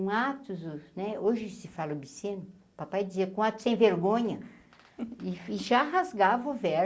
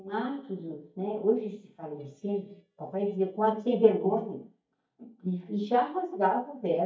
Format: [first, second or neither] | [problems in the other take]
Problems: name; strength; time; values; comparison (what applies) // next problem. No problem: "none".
first | noise reduction (neural mask model DeepFilterNet 3)